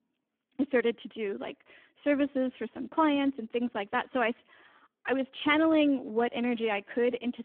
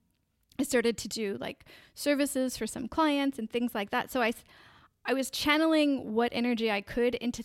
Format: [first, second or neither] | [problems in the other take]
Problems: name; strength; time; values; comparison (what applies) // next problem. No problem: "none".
second | phone-call audio; poor line